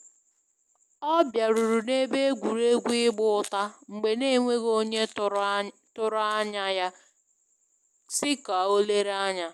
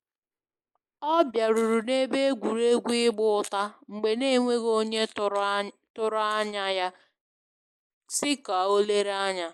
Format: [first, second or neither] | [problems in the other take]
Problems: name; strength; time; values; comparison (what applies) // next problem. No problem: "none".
first | noise reduction (neural mask model Resemble Enhance denoiser)